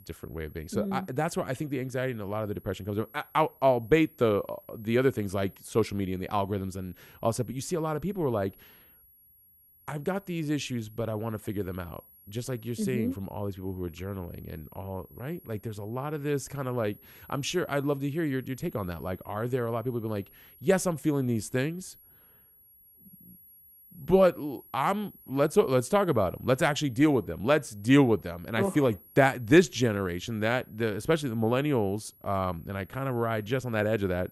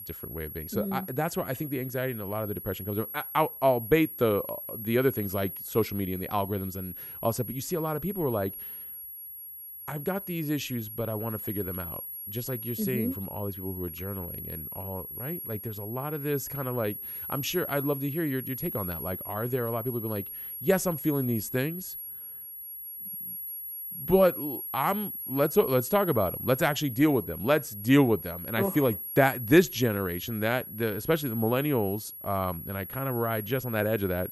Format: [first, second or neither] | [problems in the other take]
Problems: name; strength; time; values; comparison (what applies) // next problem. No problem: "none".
first | high-pitched whine; loud; throughout; 11.5 kHz, 8 dB below the speech; faint in the first